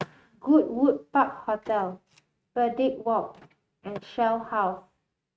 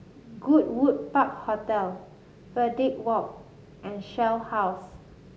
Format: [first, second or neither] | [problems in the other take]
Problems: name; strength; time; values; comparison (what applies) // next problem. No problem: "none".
second | noise reduction (neural mask model RNNoise)